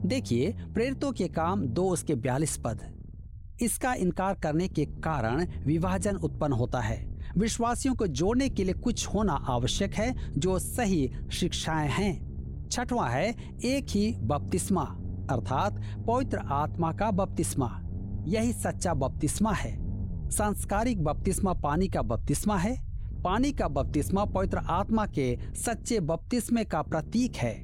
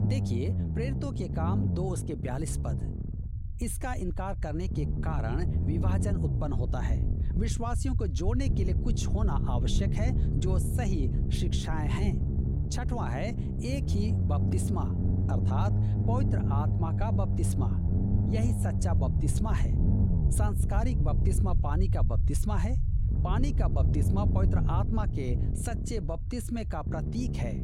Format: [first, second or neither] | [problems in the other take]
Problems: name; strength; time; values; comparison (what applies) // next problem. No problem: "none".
first | low rumble; loud; throughout; 4 dB below the speech; faint in the first